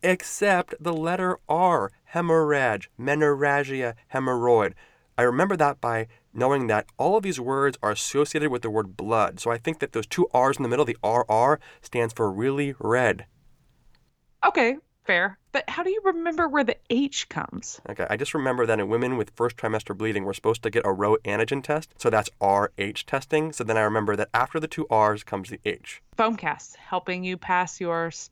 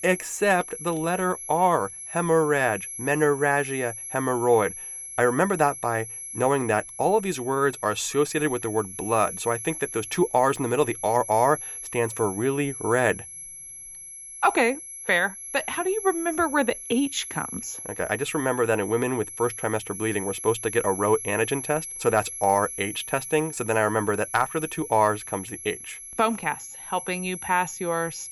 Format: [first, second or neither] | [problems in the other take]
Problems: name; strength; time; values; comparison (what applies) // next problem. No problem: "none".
first | high-pitched whine; loud; throughout; 11 kHz, 10 dB below the speech